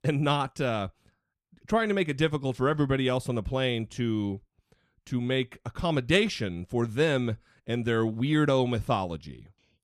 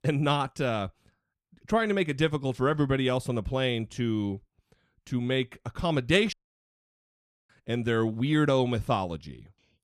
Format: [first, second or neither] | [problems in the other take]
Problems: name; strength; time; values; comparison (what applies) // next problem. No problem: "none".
first | audio cutting out; at 6.5 s for 1 s